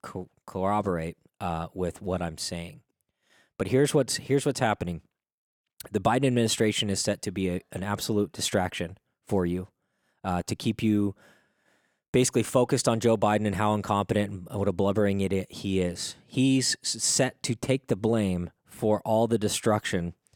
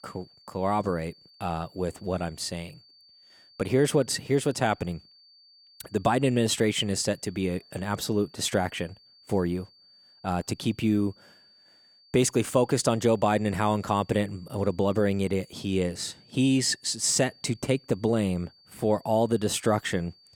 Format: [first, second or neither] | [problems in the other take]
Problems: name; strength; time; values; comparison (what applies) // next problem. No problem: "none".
first | high-pitched whine; faint; throughout; 4.5 kHz, 30 dB below the speech